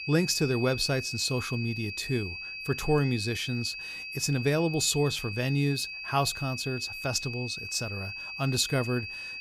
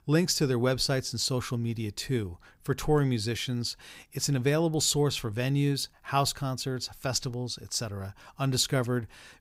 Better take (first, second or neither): second